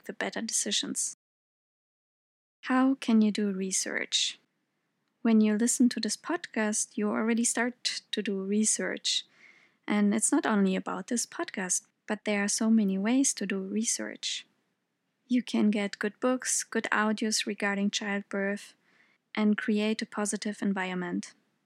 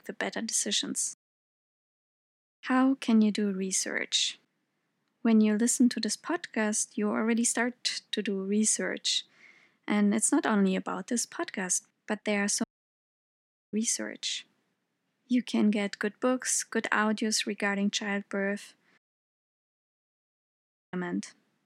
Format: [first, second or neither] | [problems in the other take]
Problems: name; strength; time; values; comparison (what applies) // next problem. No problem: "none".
first | audio cutting out; at 13 s for 1 s and at 19 s for 2 s